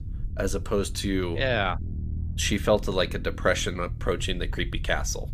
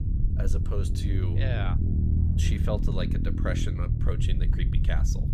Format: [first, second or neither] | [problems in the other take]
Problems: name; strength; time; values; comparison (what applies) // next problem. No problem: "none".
first | low rumble; loud; throughout; 3 dB below the speech; faint in the first